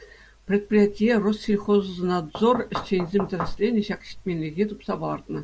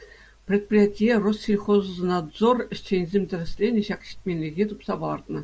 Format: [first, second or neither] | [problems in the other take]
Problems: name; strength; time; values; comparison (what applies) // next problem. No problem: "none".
second | background sound (Knock / Wood); 9 dB below the speech